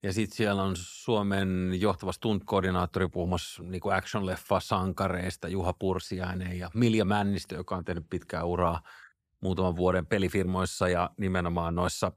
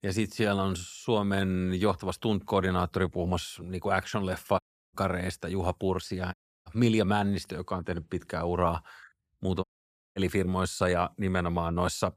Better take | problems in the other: first | audio cutting out; at 4.5 s, at 6.5 s and at 9.5 s for 0.5 s

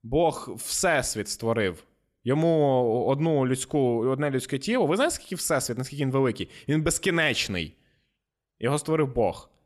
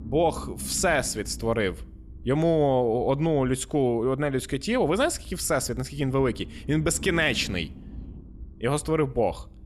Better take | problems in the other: first | low rumble; faint; throughout; 25 dB below the speech

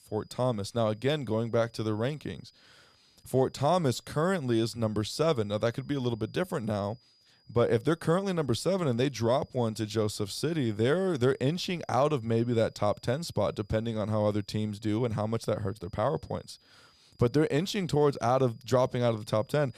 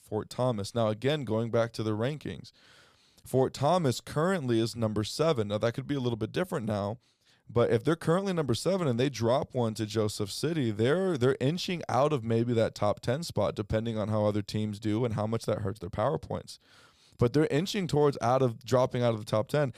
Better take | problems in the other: second | high-pitched whine; faint; throughout; 5 kHz, 35 dB below the speech

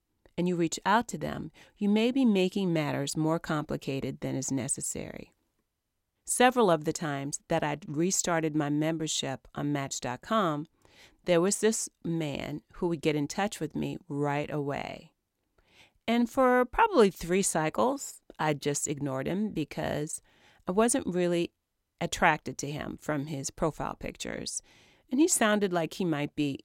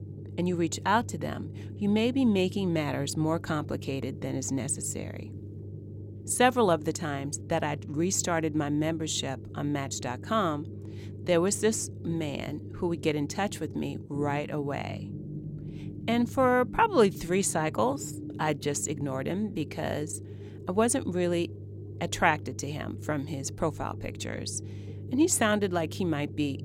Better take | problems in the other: first | low rumble; noticeable; throughout; 20 dB below the speech

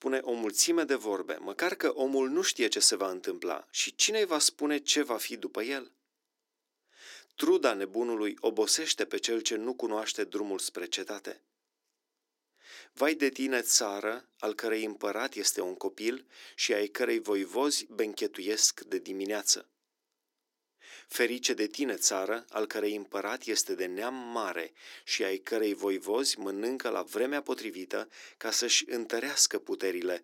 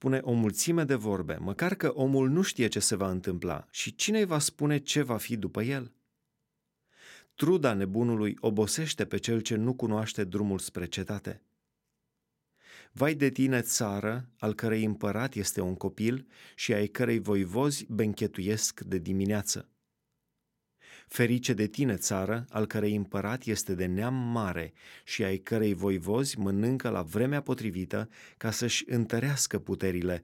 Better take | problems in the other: second | thin; somewhat; fading below 300 Hz

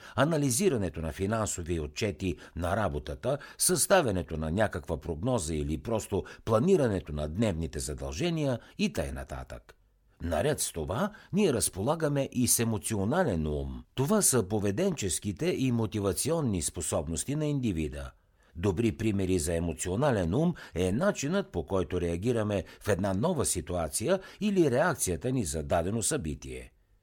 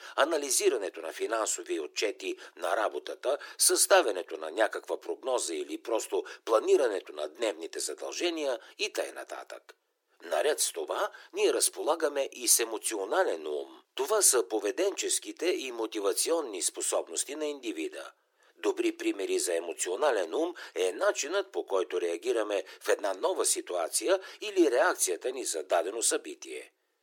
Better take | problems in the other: first | thin; very; fading below 300 Hz

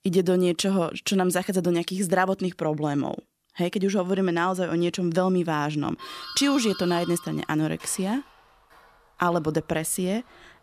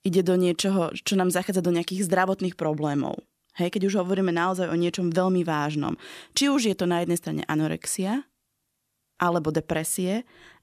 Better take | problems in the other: second | doorbell; faint; from 6 s on; peak 10 dB below the speech

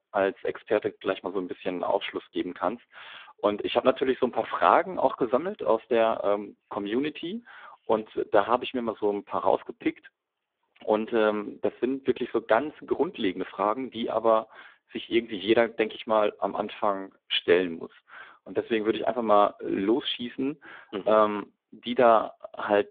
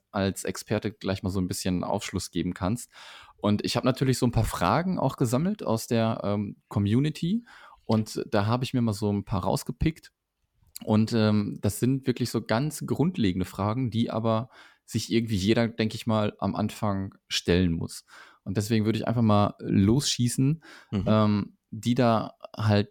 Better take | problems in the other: second | phone-call audio; poor line; nothing above 3.5 kHz

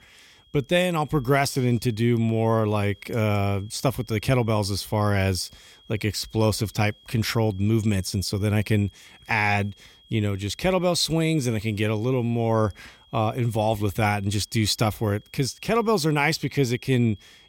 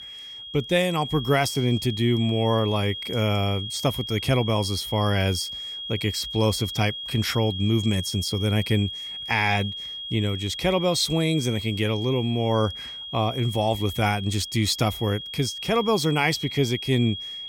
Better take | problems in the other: first | high-pitched whine; loud; throughout; 3.5 kHz, 8 dB below the speech; faint in the first

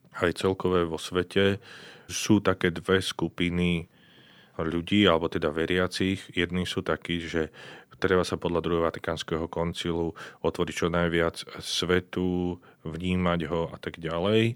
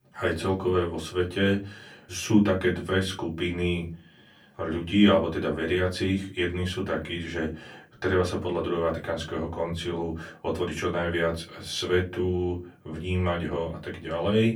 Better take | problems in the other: first | off-mic speech; far // room echo; very slight; dies away in 0.3 s

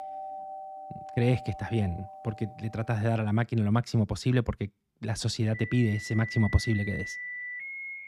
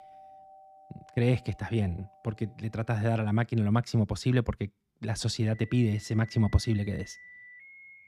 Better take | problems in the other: second | alarms or sirens; loud; throughout; 10 dB below the speech; faint in the second

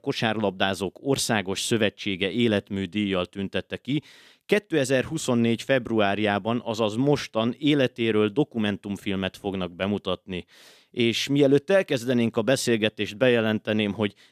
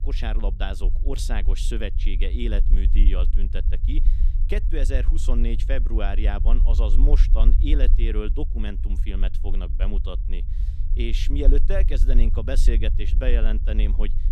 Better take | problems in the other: first | low rumble; noticeable; throughout; 10 dB below the speech

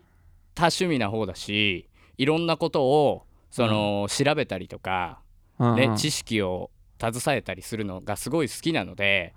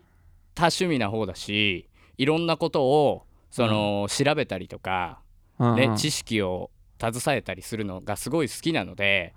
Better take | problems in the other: neither | none

